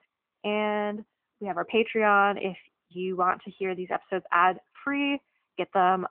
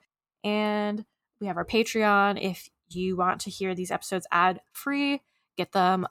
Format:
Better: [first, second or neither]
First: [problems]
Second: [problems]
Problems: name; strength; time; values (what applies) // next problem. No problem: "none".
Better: second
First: phone-call audio; nothing above 3 kHz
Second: none